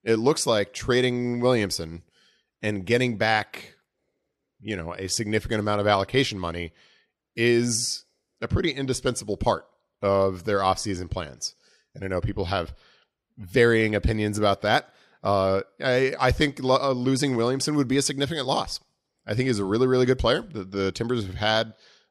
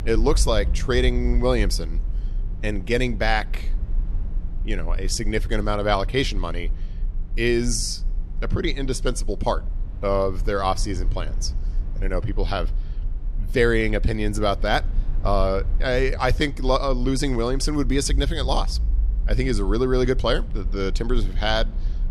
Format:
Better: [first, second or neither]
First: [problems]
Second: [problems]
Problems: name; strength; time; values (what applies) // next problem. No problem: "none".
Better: first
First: none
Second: low rumble; faint; throughout; 25 dB below the speech